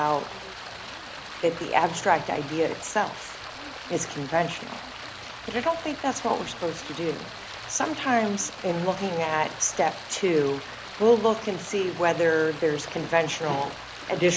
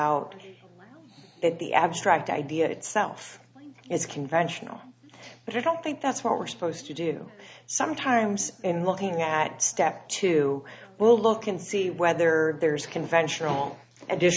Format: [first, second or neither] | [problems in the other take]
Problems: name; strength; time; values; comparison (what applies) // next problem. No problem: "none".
second | background sound (Stream); 13 dB below the speech